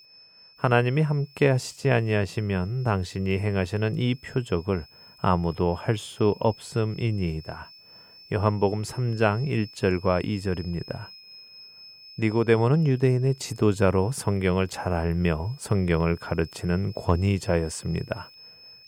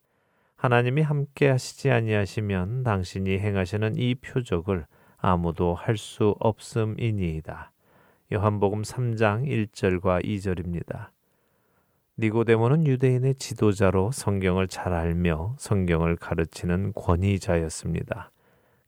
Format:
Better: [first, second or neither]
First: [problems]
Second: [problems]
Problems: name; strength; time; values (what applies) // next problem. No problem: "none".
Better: second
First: high-pitched whine; faint; throughout; 5 kHz, 20 dB below the speech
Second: none